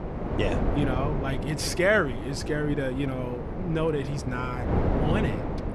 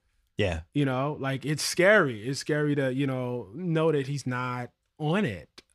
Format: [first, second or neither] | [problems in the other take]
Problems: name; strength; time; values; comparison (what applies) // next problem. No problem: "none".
second | wind noise on the microphone; heavy; 5 dB below the speech